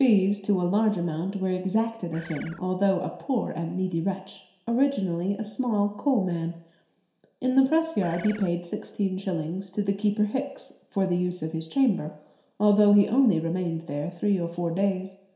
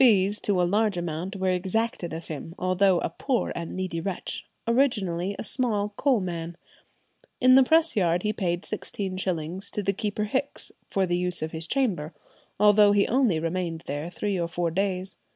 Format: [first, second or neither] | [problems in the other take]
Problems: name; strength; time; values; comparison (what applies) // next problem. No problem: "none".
second | background sound (Bird); 18 dB below the speech // room echo; dies away in 0.7 s